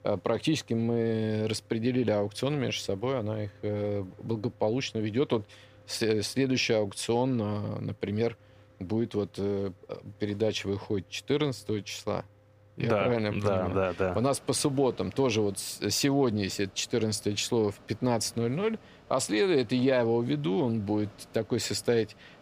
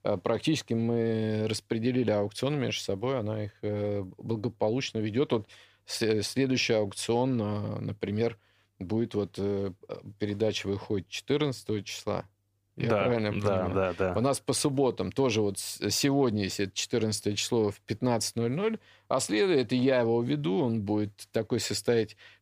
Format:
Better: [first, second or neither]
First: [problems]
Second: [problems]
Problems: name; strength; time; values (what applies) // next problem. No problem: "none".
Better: second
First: machinery noise; faint; throughout; 25 dB below the speech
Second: none